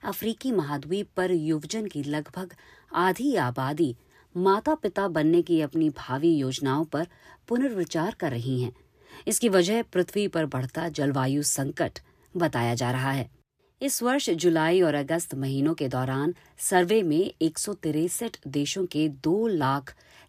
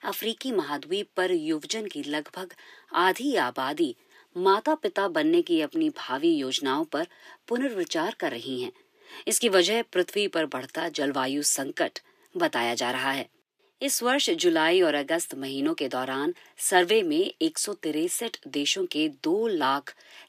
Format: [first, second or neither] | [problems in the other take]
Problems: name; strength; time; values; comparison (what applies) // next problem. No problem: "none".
first | thin; very slightly; fading below 300 Hz